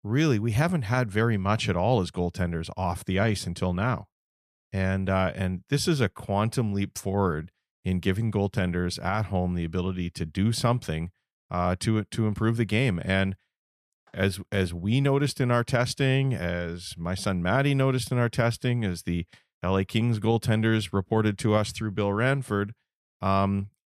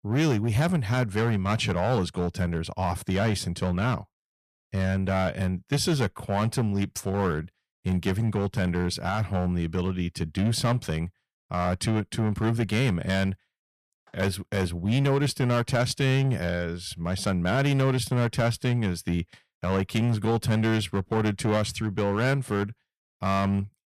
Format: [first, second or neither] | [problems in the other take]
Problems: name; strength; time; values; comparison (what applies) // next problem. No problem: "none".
first | distortion; slight; 7% of the sound clipped